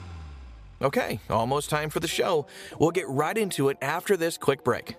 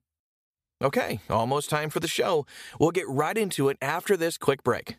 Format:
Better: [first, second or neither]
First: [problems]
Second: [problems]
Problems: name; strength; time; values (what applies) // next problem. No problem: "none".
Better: second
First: traffic noise; faint; throughout; 25 dB below the speech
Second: none